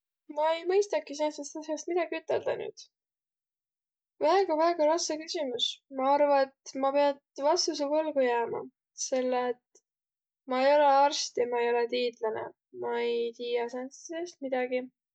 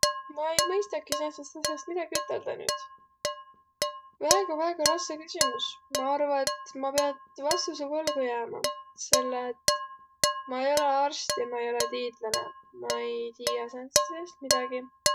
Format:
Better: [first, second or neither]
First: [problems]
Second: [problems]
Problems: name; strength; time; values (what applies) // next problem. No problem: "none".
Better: first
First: none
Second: background sound (Dishes, pots, and pans); as loud as the speech